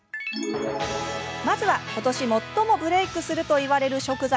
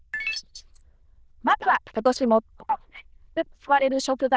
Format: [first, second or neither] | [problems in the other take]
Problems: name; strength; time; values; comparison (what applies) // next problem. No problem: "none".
first | noise reduction (neural diffusion model UNIVERSE++)